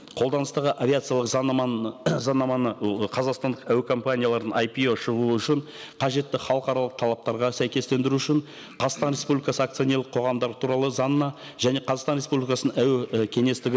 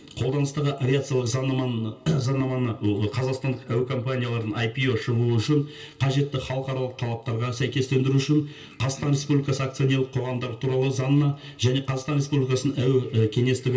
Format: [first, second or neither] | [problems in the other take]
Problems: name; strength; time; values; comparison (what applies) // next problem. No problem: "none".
first | room echo; dies away in 0.2 s